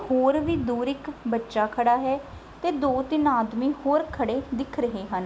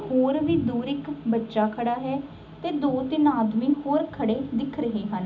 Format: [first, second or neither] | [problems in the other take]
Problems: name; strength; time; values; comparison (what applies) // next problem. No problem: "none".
first | room echo; dies away in 0.4 s